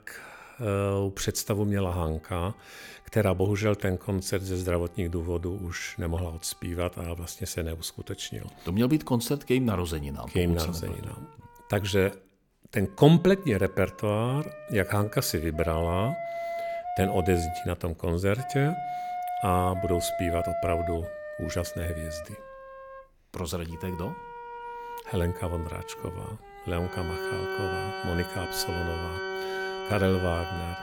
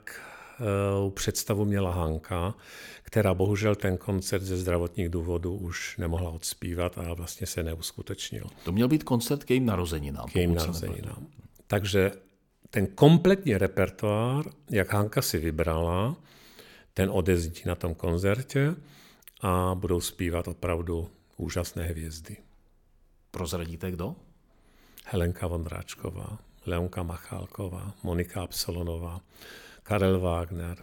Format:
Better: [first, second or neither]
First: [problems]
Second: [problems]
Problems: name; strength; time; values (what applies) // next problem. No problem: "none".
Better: second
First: background music; loud; throughout; 7 dB below the speech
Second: none